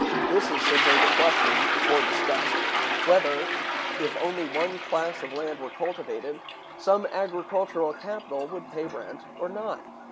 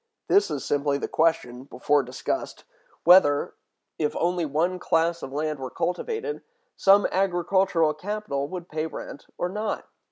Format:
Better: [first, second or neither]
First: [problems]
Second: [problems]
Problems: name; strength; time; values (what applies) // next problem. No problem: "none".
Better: second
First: background sound (Toilet flush); 1 dB above the speech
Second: none